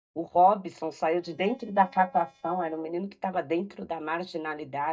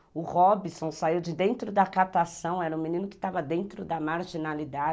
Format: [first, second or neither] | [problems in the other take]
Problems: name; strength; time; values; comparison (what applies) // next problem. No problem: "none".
second | noise reduction (neural mask model DeepFilterNet 3)